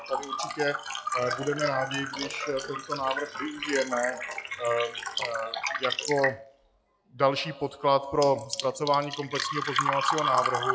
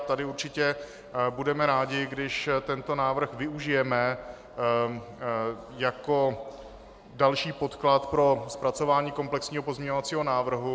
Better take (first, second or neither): second